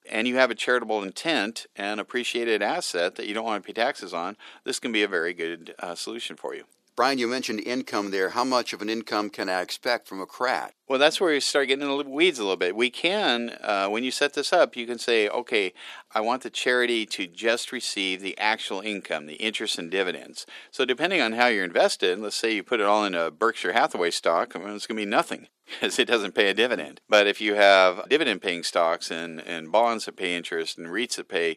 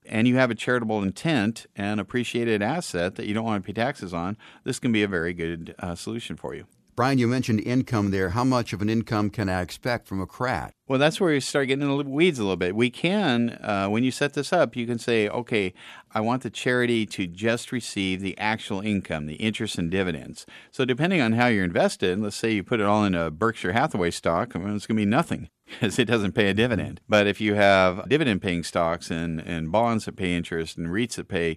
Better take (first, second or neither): second